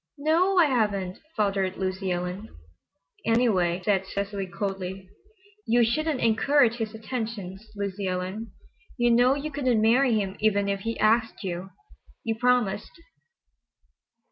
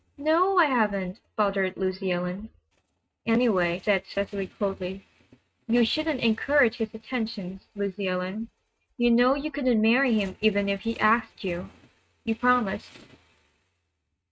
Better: first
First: none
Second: noise reduction (neural mask model RNNoise)

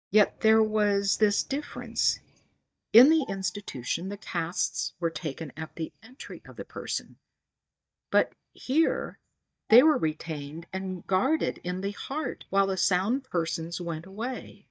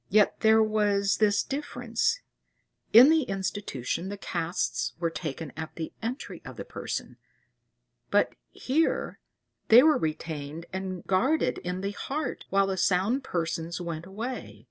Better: second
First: noise reduction (neural mask model DeepFilterNet 3)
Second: none

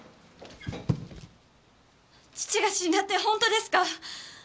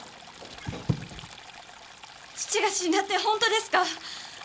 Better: first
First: none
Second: background sound (Stream); 17 dB below the speech

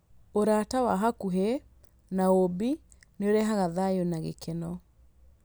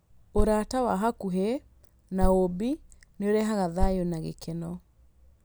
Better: first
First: none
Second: background sound (Thump, thud); 2 dB below the speech

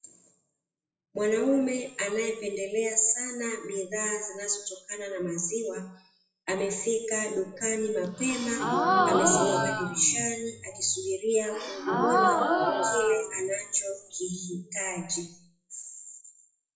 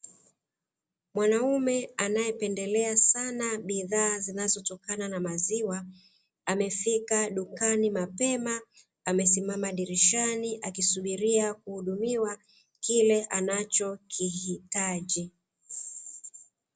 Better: second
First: noise reduction (classical method WPE with log-MMSE)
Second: none

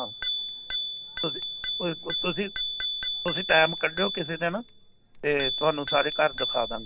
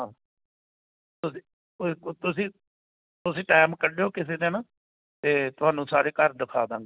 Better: second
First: background sound (Bicycle bell); 2 dB below the speech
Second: none

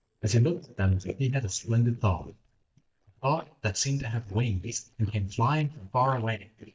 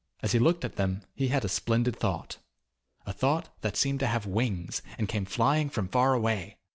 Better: second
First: noise reduction (neural mask model DeepFilterNet 3)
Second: none

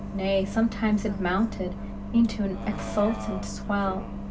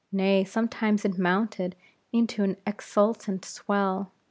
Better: second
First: background sound (Bus); 7 dB below the speech // room echo; dies away in 0.2 s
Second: none

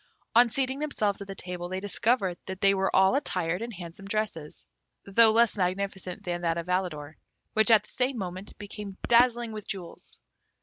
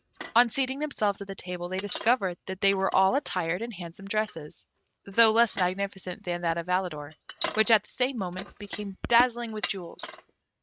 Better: first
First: none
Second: noise reduction (neural mask model RNNoise)

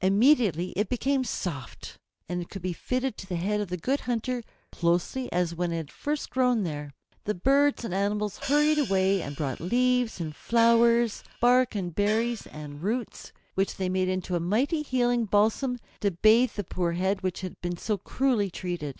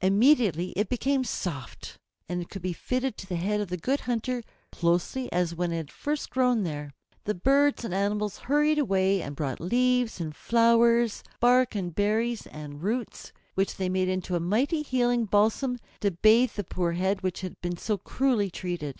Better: second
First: background sound (Hi-hat + Gong); 15 dB below the speech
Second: none

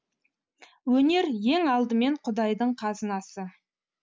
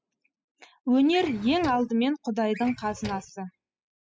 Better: first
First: none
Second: noise reduction (classical method spectral subtraction)

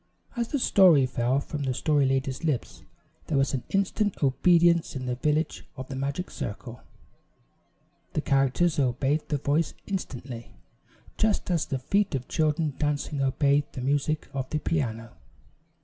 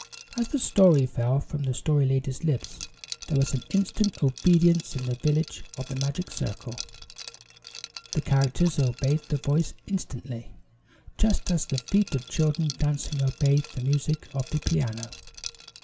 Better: first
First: none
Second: background sound (Liquid); 18 dB below the speech

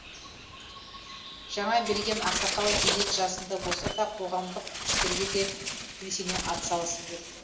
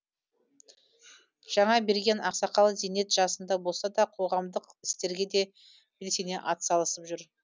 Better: second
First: background sound (Bird); 1 dB below the speech // room echo; dies away in 0.8 s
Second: none

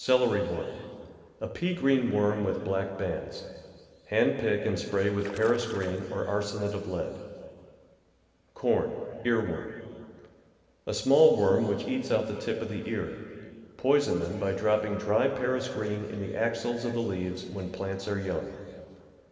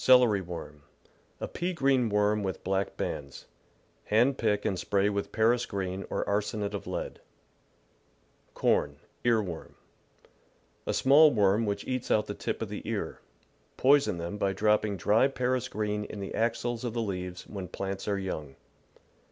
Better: second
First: background sound (Splash, splatter); 17 dB below the speech // room echo; dies away in 2.5 s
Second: none

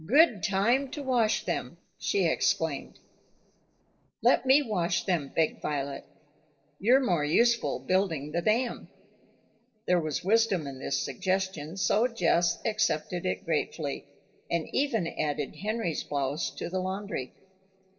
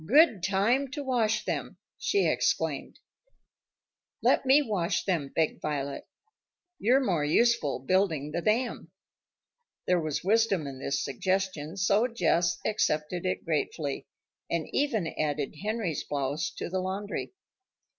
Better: second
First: noise reduction (neural separator model SepFormer DNS4)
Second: none

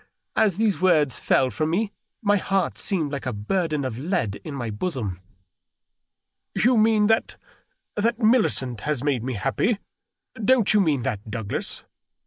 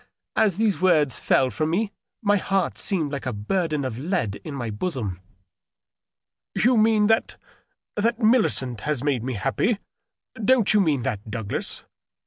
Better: second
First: noise reduction (neural mask model Resemble Enhance denoiser)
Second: none

